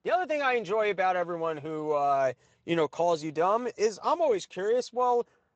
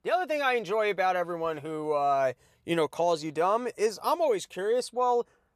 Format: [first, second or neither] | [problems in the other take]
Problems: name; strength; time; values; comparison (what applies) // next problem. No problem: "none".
second | garbled, watery; slightly; nothing above 7.5 kHz